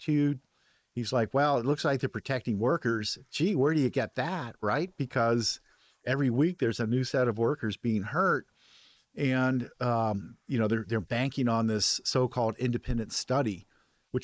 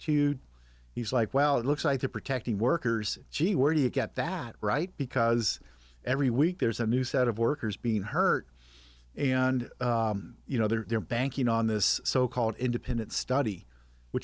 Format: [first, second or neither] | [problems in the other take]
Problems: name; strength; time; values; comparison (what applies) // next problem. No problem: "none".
second | noise reduction (neural mask model Resemble Enhance denoiser)